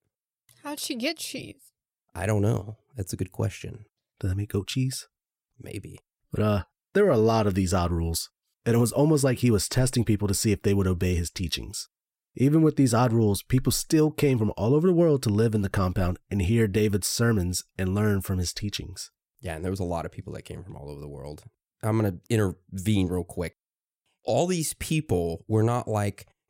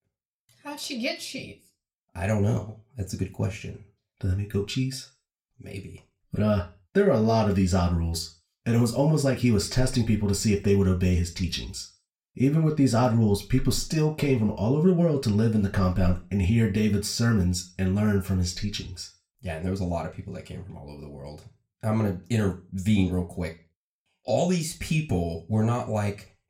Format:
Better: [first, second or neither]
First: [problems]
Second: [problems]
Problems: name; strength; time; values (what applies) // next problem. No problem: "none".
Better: first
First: none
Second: room echo; very slight; dies away in 0.3 s // off-mic speech; somewhat distant